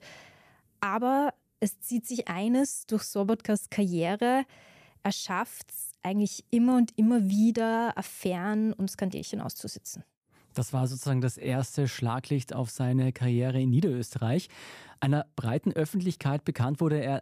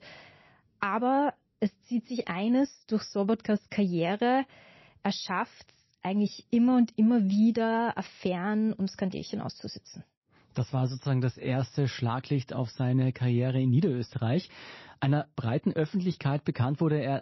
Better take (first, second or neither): first